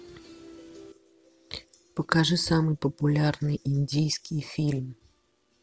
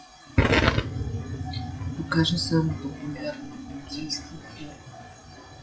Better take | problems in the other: first | noise reduction (classical method WPE with log-MMSE)

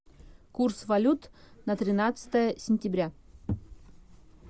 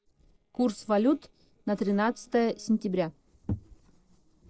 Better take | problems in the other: first | noise reduction (neural separator model SepFormer DNS4)

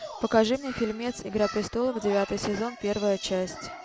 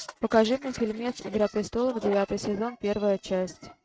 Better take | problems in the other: first | noise reduction (neural mask model RNNoise)

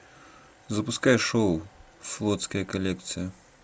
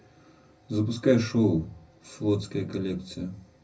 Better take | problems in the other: first | room echo; dies away in 0.4 s

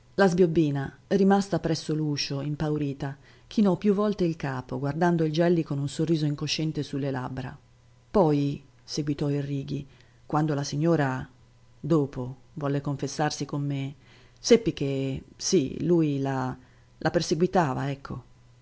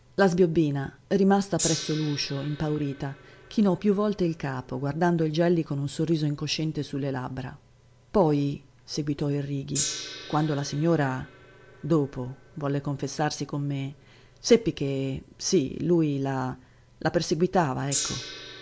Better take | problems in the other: first | background sound (Gong); 15 dB below the speech

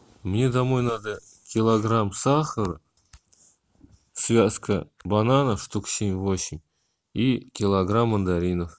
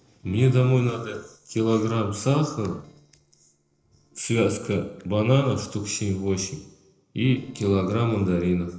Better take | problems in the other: first | noise reduction (neural separator model SepFormer DNS4)

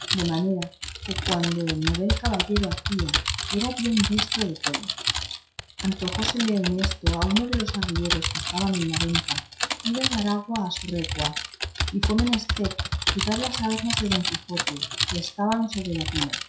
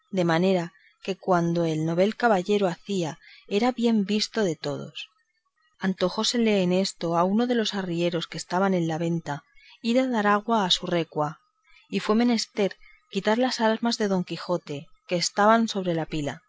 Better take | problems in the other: second | noise reduction (classical method WPE with log-MMSE)

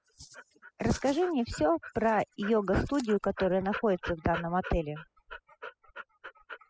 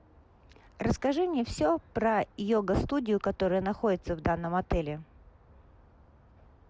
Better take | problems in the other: second | noise reduction (classical method spectral subtraction)

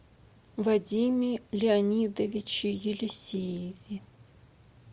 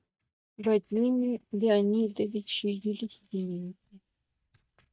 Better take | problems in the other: first | noise reduction (neural mask model DeepFilterNet 3)

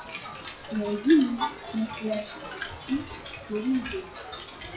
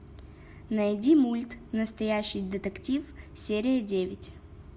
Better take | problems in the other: second | noise reduction (classical method WPE with log-MMSE)

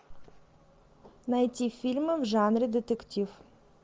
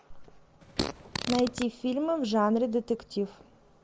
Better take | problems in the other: first | background sound (Fart); 5 dB below the speech

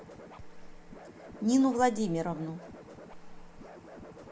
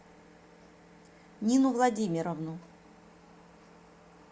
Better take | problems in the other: second | background sound (Scratching (performance technique)); 14 dB below the speech

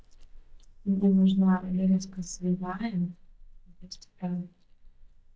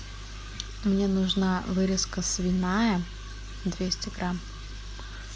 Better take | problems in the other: second | noise reduction (neural mask model DeepFilterNet 3)

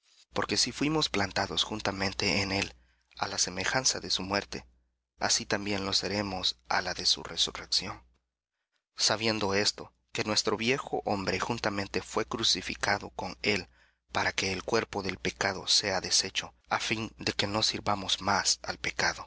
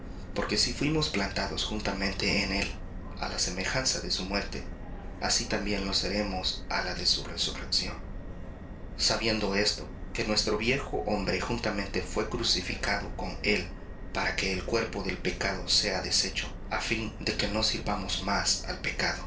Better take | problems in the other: first | background sound (Subway, metro, underground); 8 dB below the speech // room echo; dies away in 0.3 s

